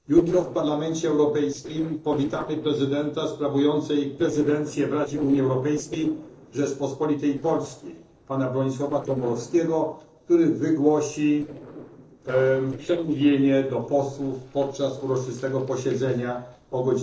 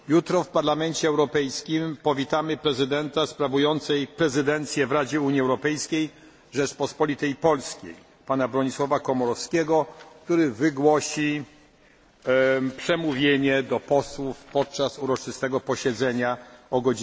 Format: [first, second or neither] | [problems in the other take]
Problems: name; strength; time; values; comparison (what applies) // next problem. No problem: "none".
second | noise reduction (neural separator model SepFormer DNS4)